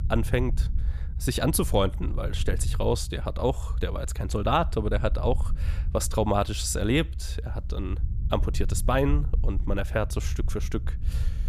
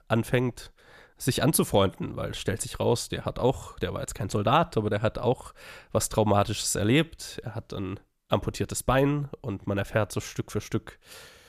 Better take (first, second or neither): second